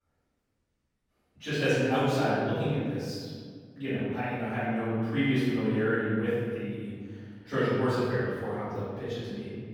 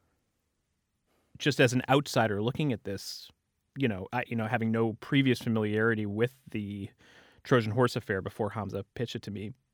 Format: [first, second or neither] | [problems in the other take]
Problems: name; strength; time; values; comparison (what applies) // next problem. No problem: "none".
second | off-mic speech; far // room echo; strong; dies away in 1.6 s